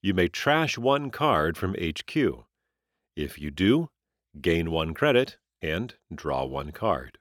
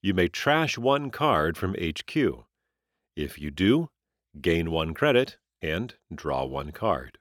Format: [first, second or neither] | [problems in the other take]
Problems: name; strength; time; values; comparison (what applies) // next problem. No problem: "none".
neither | none